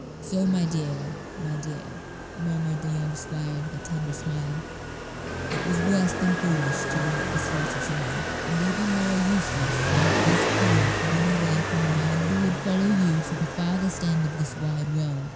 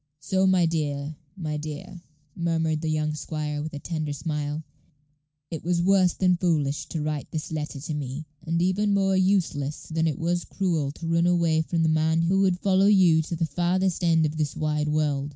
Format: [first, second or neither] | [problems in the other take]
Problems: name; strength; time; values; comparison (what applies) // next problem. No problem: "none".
second | background sound (Motorcycle); 2 dB below the speech